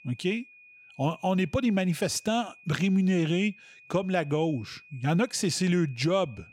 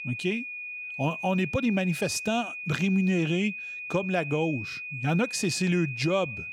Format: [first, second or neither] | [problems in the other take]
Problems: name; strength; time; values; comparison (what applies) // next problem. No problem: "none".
first | high-pitched whine; loud; throughout; 2.5 kHz, 7 dB below the speech; faint in the first